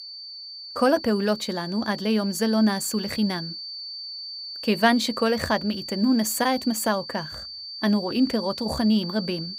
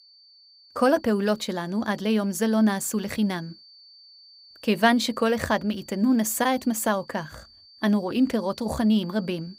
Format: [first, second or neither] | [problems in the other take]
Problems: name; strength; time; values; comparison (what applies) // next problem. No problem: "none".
second | high-pitched whine; loud; throughout; 4.5 kHz, 10 dB below the speech; faint in the second